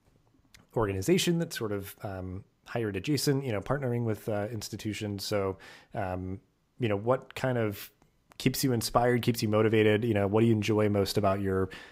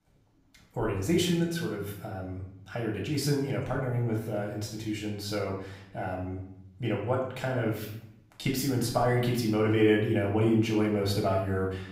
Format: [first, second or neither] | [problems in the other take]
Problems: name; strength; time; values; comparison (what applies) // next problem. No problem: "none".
first | off-mic speech; far // room echo; noticeable; dies away in 0.6 s